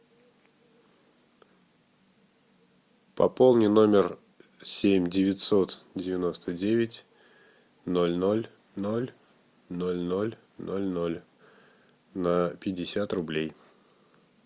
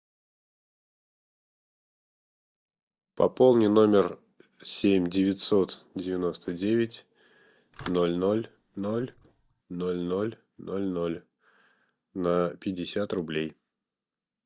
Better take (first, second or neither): first